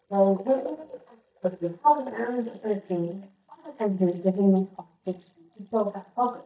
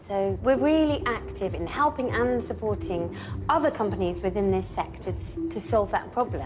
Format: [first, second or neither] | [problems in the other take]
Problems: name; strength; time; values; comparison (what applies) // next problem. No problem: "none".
second | noise reduction (neural mask model DeepFilterNet 3)